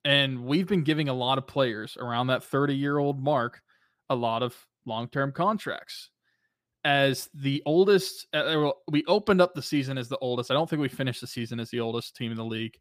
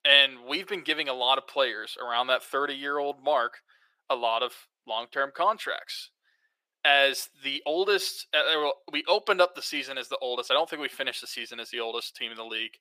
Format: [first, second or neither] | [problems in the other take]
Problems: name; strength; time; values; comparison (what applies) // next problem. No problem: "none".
first | thin; very; fading below 500 Hz